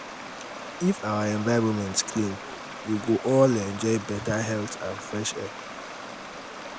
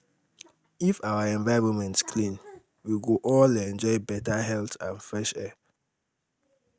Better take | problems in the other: second | background sound (Stream); 11 dB below the speech

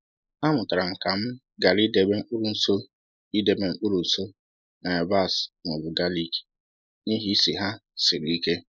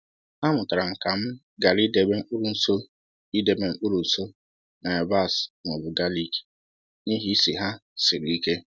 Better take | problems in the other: second | noise reduction (neural mask model Resemble Enhance denoiser)

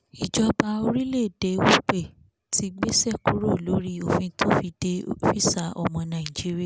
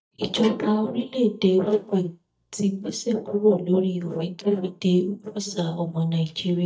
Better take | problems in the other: first | noise reduction (neural mask model DeepFilterNet 3)

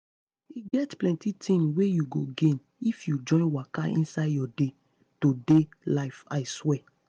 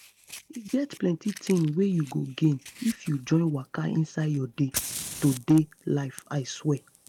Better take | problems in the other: first | background sound (Fire); 15 dB below the speech

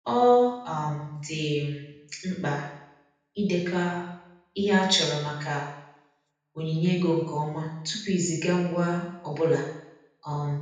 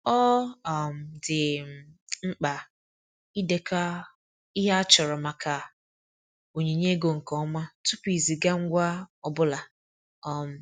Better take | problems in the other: second | room echo; dies away in 0.8 s

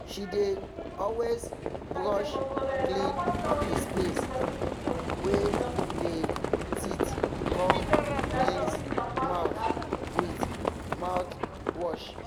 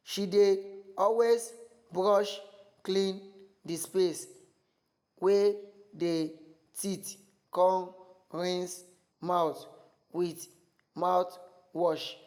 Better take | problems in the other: second | background sound (Livestock, farm animals, working animals); 5 dB above the speech

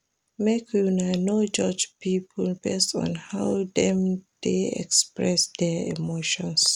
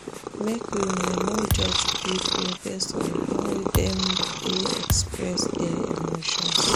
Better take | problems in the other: first | background sound (Thump, thud + Purr); 3 dB above the speech

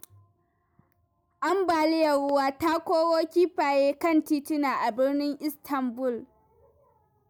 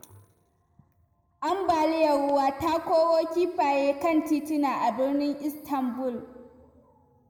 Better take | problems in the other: first | room echo; dies away in 1.2 s

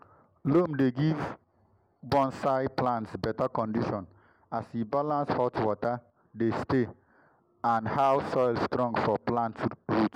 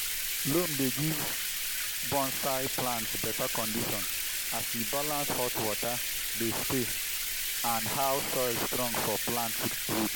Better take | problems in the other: first | background sound (Bathtub (filling or washing)); 2 dB above the speech

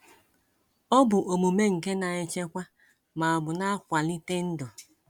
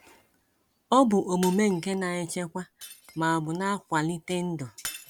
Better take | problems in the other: first | background sound (Shatter); 19 dB below the speech

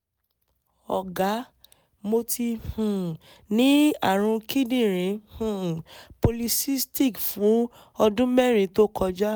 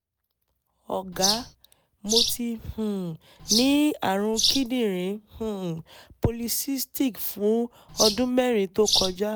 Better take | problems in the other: first | background sound (Bird vocalization, bird call, bird song); 1 dB below the speech

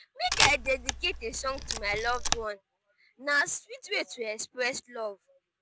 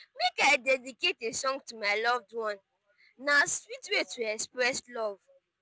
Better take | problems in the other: second | background sound (Camera); as loud as the speech

